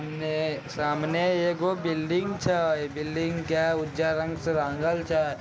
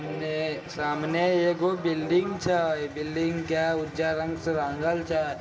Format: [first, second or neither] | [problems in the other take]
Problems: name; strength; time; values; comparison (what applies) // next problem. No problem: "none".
first | background sound (Brass instrument); 17 dB below the speech // room echo; dies away in 1.4 s